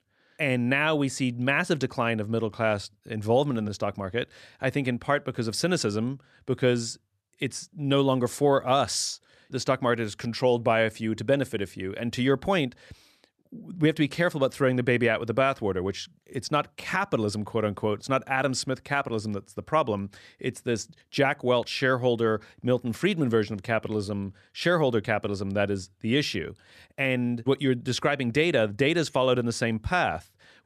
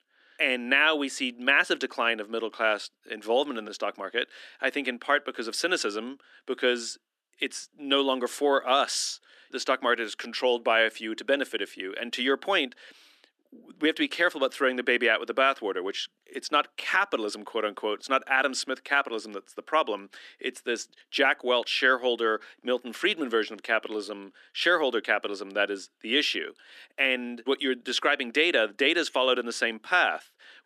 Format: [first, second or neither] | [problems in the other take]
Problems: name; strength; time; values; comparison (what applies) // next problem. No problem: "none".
first | thin; somewhat; fading below 250 Hz